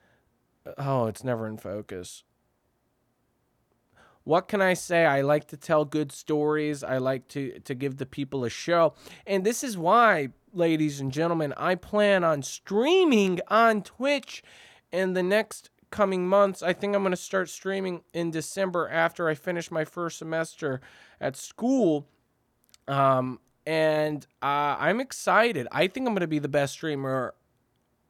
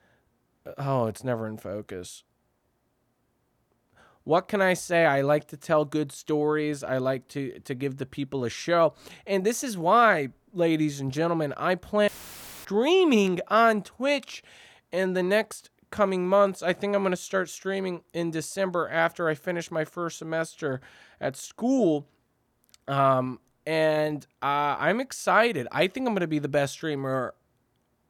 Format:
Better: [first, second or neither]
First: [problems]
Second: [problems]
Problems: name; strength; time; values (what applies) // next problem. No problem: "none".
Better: first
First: none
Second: audio cutting out; filled with static; at 12 s for 0.5 s